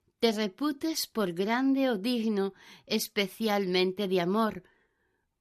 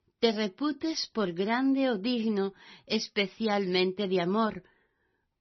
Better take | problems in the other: first | garbled, watery; slightly; nothing above 6 kHz

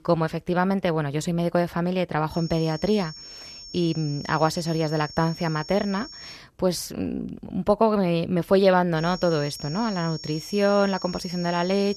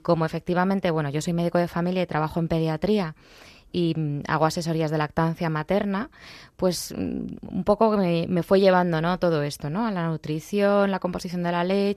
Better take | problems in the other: second | high-pitched whine; noticeable; from 2.5 to 6.5 s and from 9 s on; 5.5 kHz, 15 dB below the speech

